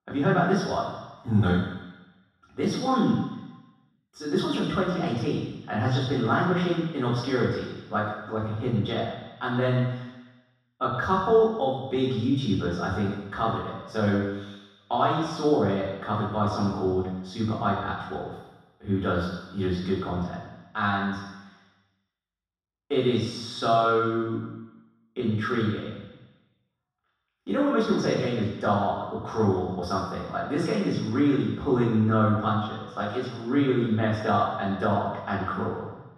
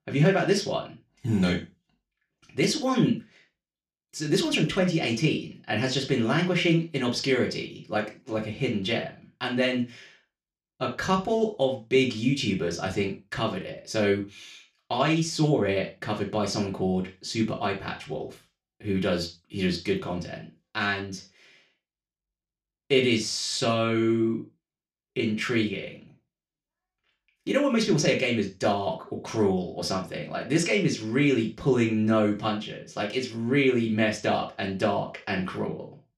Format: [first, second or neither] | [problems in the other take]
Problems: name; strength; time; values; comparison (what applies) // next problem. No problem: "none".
second | room echo; strong; dies away in 1.2 s; slight in the second // off-mic speech; far; somewhat distant in the second